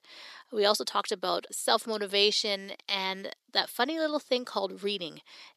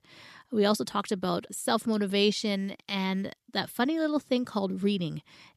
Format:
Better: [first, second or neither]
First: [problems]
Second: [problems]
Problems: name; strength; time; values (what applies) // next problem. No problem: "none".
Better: second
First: thin; somewhat; fading below 500 Hz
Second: none